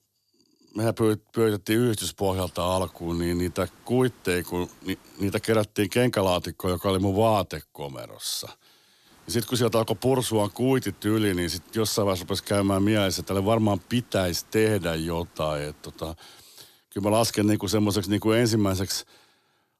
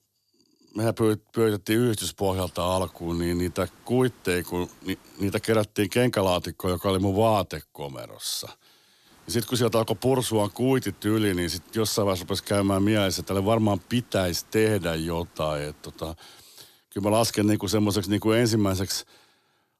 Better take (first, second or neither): neither